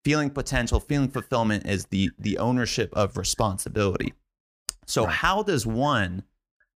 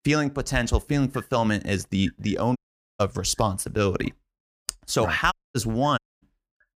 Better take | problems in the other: first | audio cutting out; at 2.5 s, at 5.5 s and at 6 s

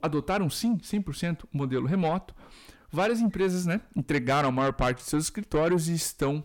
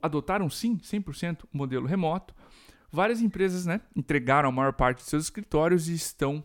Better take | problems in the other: second | distortion; slight; 10 dB below the speech

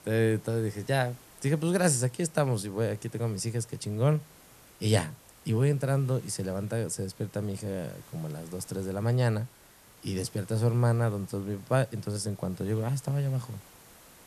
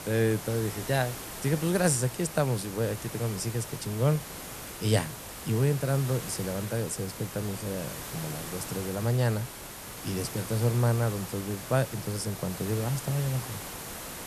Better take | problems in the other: first | hiss; loud; throughout; 9 dB below the speech; faint in the first

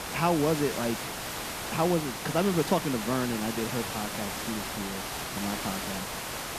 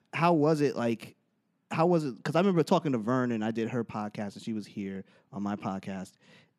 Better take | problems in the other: second | hiss; loud; throughout; 3 dB below the speech

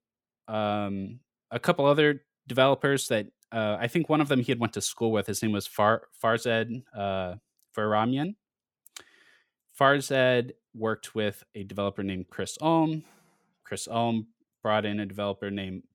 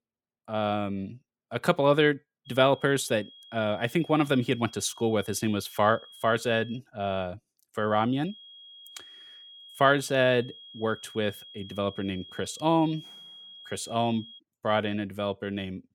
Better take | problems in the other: first | high-pitched whine; noticeable; from 2.5 to 7 s and from 8.5 to 14 s; 3.5 kHz, 20 dB below the speech

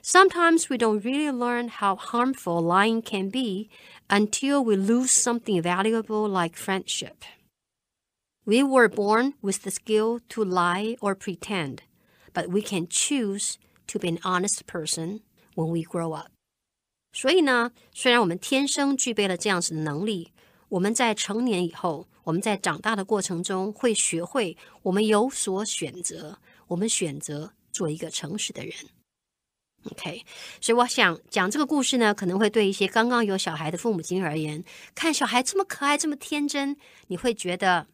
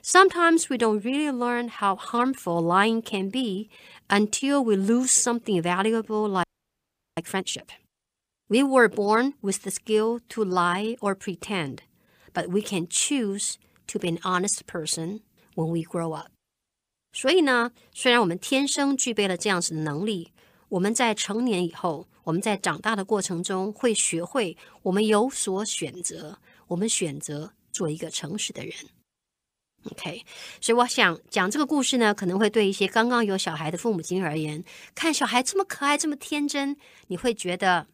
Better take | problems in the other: first | audio freezing; at 6.5 s for 0.5 s

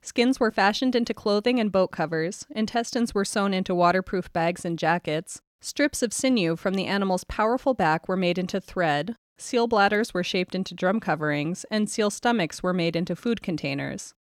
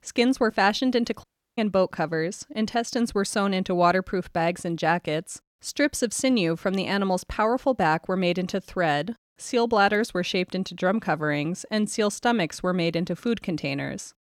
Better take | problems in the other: first | audio cutting out; at 1 s

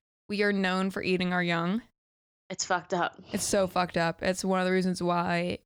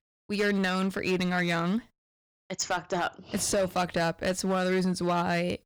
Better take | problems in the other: first | distortion; slight; 8% of the sound clipped

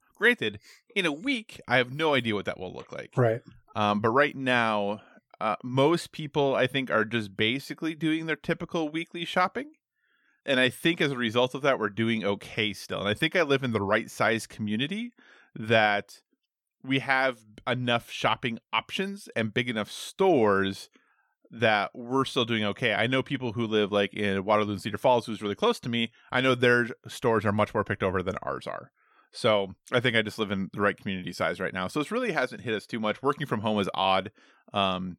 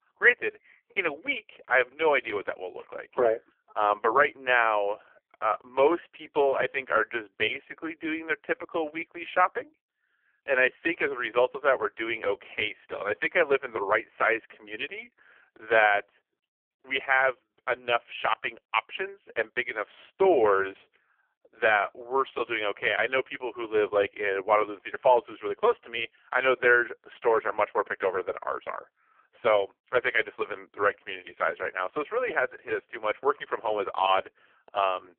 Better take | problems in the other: first | phone-call audio; poor line; nothing above 3 kHz

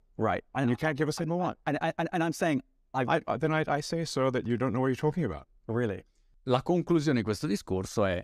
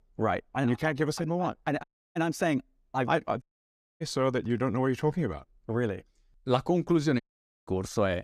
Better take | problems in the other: first | audio cutting out; at 2 s, at 3.5 s for 0.5 s and at 7 s

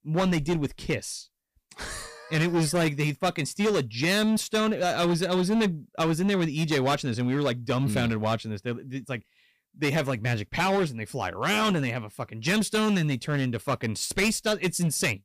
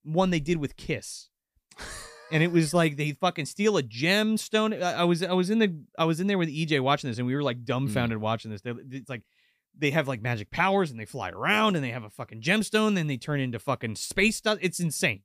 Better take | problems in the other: second | distortion; heavy; 12% of the sound clipped

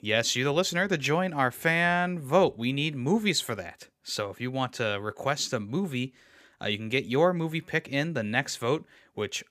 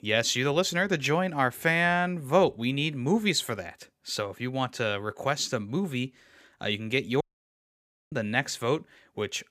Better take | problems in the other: first | audio cutting out; at 7 s for 1 s

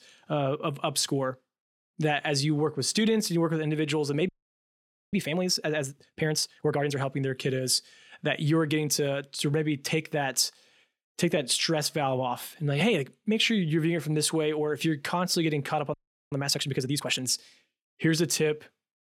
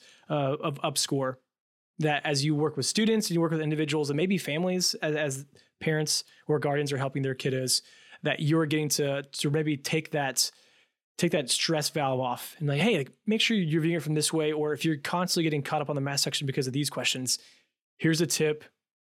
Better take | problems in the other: second | audio freezing; at 4.5 s for 1 s and at 16 s

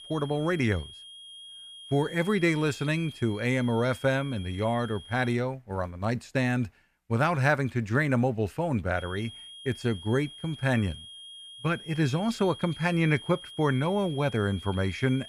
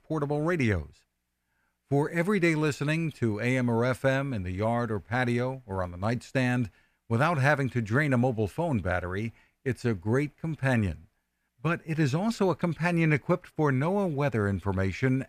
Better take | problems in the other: second | high-pitched whine; noticeable; until 5.5 s and from 9 s on; 3 kHz, 15 dB below the speech

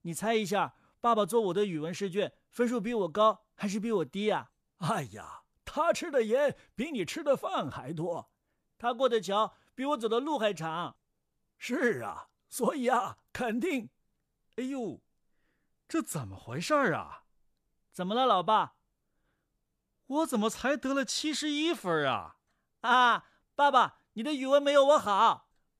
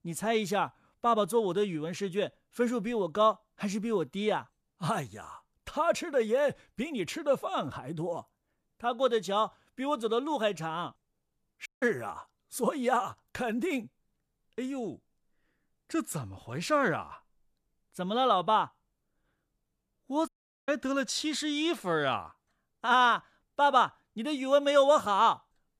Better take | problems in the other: first | audio cutting out; at 12 s and at 20 s

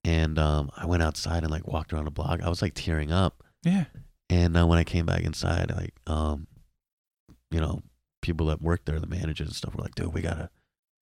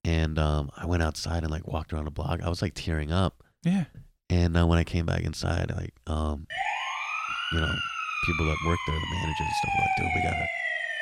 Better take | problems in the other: first | siren; loud; from 6.5 s on; peak 4 dB above the speech

